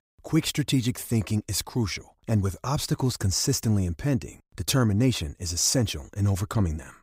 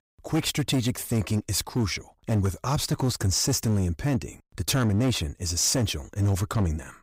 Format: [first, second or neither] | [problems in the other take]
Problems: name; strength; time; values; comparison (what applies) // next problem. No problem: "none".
first | distortion; slight; 10% of the sound clipped